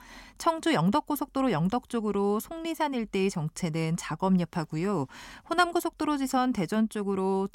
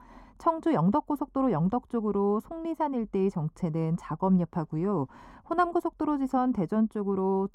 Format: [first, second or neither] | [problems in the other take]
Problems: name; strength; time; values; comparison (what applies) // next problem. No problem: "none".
first | muffled; very; fading above 1.5 kHz